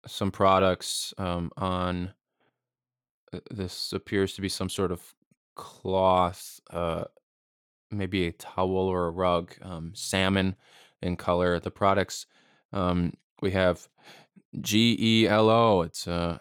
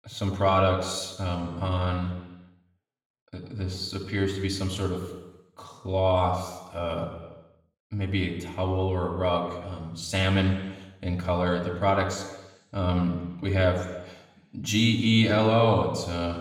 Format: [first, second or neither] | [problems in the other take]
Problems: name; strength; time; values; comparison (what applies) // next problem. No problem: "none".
first | room echo; noticeable; dies away in 1.1 s // off-mic speech; somewhat distant